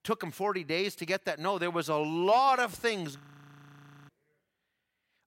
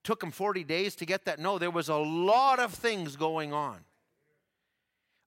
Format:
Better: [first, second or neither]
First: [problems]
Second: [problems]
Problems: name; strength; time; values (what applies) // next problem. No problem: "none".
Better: second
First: audio freezing; at 3 s for 1 s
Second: none